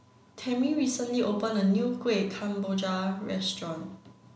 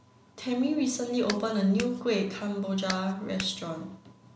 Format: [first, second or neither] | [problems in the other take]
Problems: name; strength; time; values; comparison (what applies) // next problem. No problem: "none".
first | background sound (Clapping); 11 dB below the speech